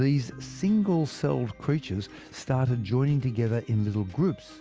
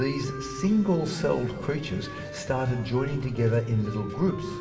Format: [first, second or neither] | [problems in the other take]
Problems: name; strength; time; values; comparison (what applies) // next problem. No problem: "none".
first | background sound (Wind instrument, woodwind instrument); 14 dB below the speech // room echo; dies away in 2.5 s